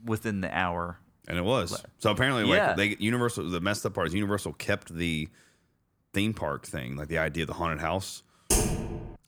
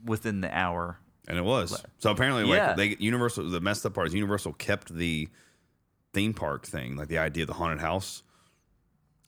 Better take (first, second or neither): second